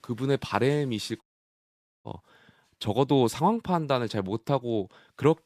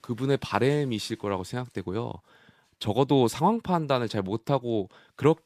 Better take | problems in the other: second | audio cutting out; at 1 s for 1 s

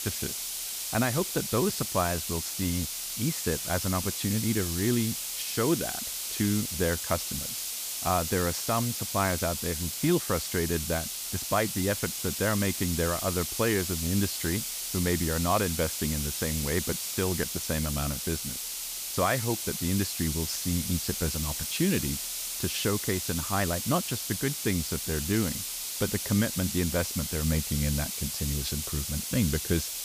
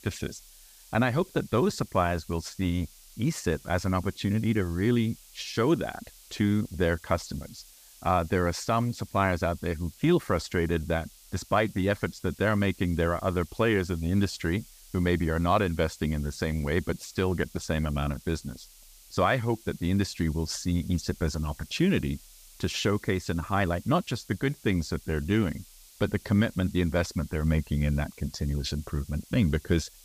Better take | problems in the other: second | hiss; loud; throughout; 1 dB below the speech; faint in the second

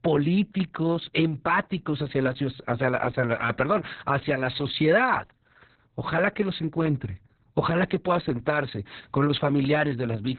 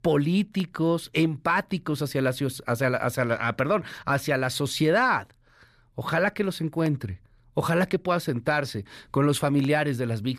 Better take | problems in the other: second | garbled, watery; badly; nothing above 4 kHz

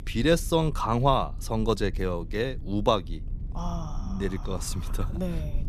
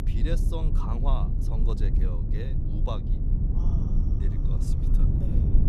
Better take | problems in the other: first | low rumble; loud; throughout; 1 dB below the speech; faint in the first

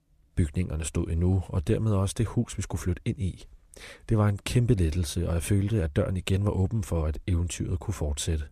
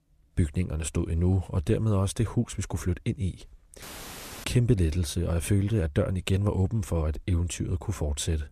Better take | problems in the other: first | audio cutting out; filled with static; at 4 s for 0.5 s

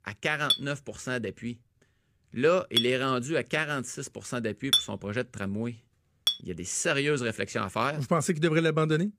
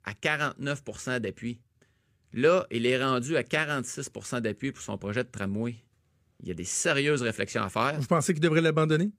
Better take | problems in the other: second | clattering dishes; loud; until 6.5 s; peak 4 dB above the speech

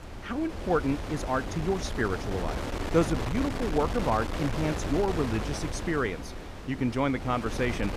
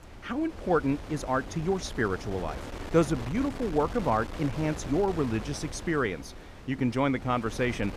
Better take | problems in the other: second | wind noise on the microphone; heavy; 6 dB below the speech; occasional gusts in the second

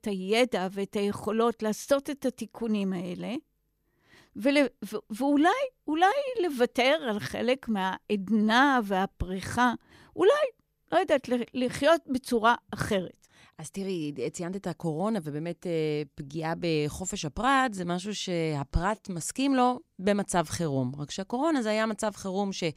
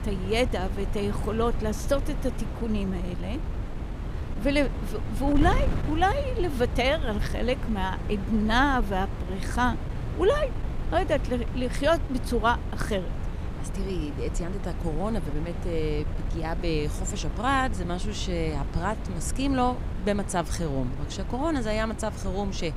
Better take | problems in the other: first | wind noise on the microphone; occasional gusts; 15 dB below the speech

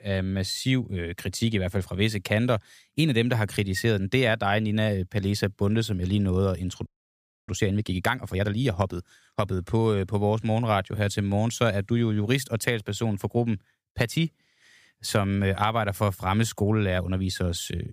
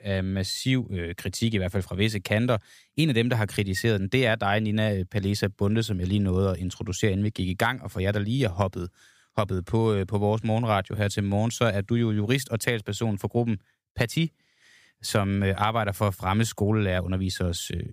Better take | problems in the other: second | audio freezing; at 7 s for 0.5 s

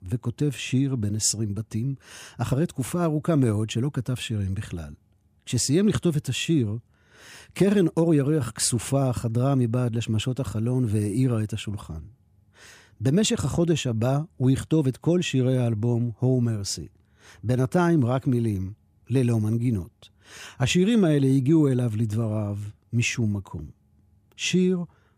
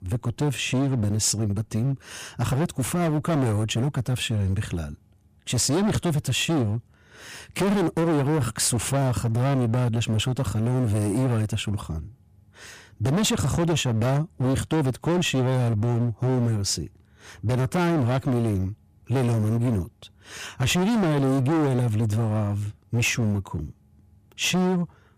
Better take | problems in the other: first | distortion; heavy; 22% of the sound clipped

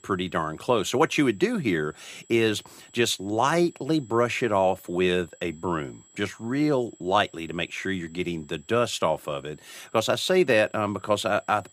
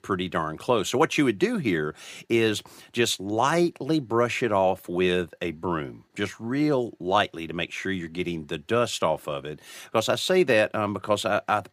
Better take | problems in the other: second | high-pitched whine; faint; throughout; 7.5 kHz, 30 dB below the speech

